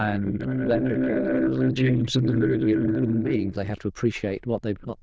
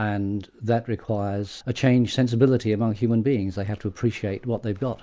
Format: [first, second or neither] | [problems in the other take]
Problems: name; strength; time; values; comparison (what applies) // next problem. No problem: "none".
second | noise reduction (neural diffusion model UNIVERSE++)